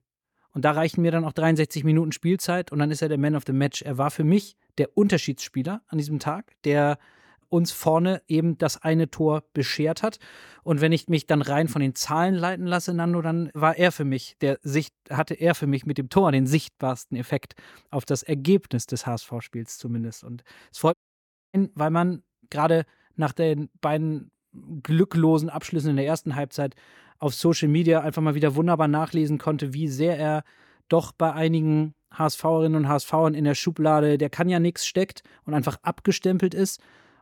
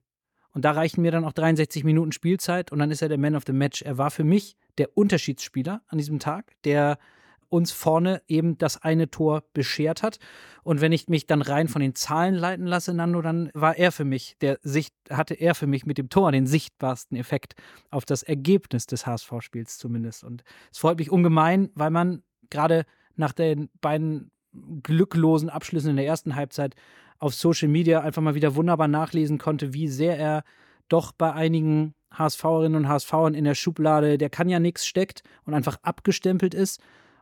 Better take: second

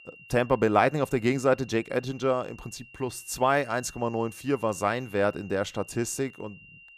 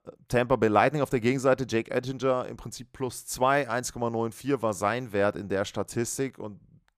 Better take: second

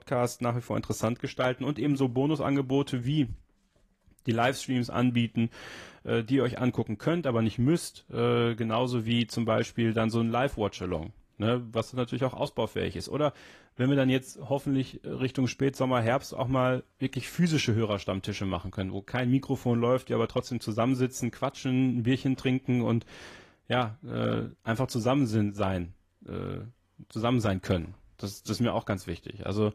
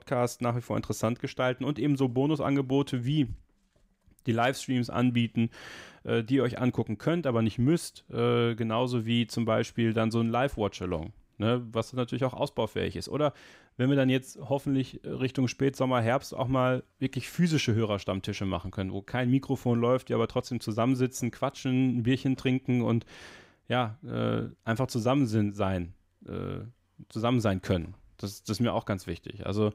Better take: second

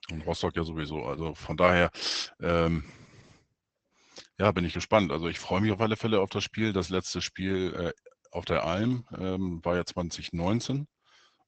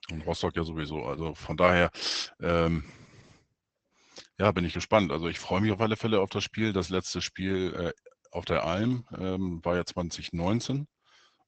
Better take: neither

